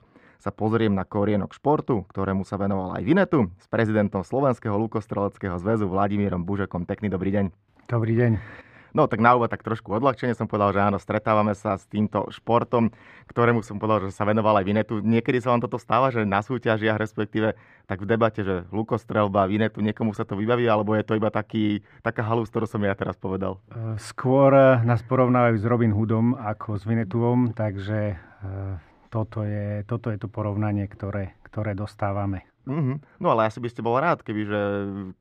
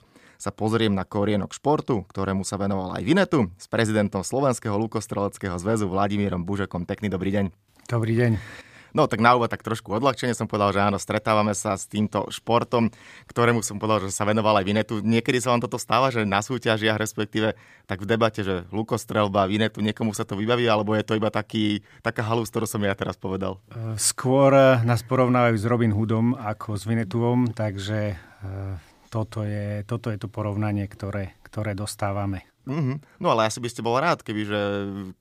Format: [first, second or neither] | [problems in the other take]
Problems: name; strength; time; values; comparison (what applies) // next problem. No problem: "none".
second | muffled; very; fading above 4 kHz